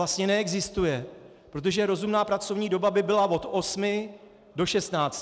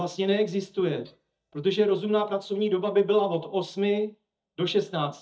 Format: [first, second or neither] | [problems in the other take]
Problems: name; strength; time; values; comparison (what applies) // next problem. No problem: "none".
first | noise reduction (neural mask model DeepFilterNet 3)